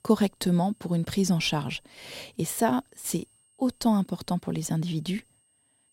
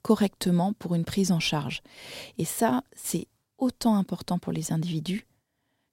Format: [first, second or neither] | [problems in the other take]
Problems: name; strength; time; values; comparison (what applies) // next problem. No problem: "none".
second | high-pitched whine; faint; throughout; 8.5 kHz, 35 dB below the speech